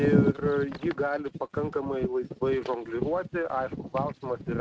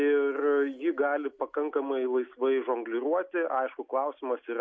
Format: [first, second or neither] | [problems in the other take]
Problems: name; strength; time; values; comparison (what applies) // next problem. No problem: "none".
second | noise reduction (neural mask model RNNoise)